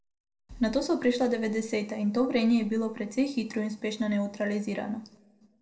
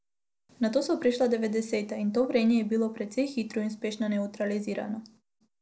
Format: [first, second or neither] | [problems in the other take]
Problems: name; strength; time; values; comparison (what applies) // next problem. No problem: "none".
second | background sound (Bass drum); 17 dB below the speech // room echo; dies away in 0.5 s